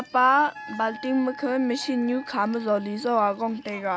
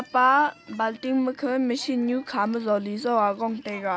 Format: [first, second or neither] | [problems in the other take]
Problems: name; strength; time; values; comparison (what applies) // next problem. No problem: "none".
second | background sound (Wind instrument, woodwind instrument); 18 dB below the speech